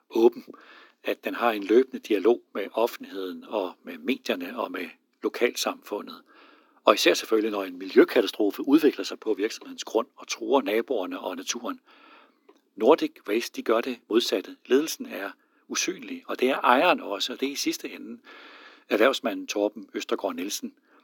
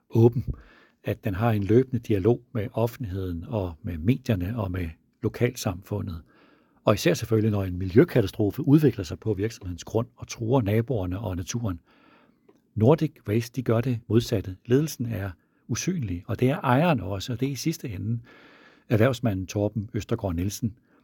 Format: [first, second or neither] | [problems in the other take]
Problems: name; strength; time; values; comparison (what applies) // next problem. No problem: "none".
second | thin; somewhat; fading below 250 Hz